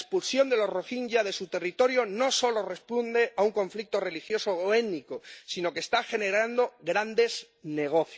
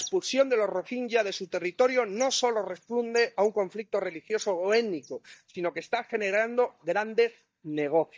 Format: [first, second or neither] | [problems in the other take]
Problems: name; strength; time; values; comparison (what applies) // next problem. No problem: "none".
first | noise reduction (neural mask model DeepFilterNet 3)